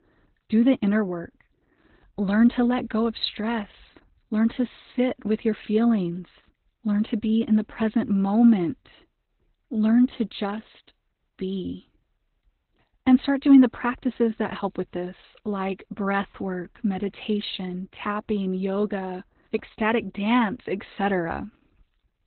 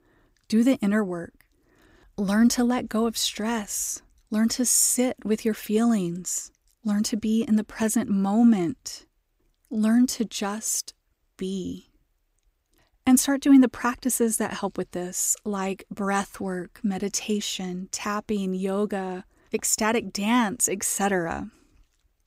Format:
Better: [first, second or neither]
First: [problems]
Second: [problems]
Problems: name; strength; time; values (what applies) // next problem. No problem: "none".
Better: second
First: garbled, watery; badly; nothing above 4 kHz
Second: none